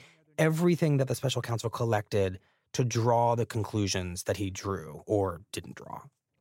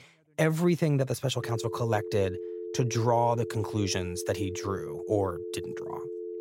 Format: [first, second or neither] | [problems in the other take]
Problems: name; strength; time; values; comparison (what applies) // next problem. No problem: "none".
first | phone ringing; noticeable; from 1.5 s on; peak 8 dB below the speech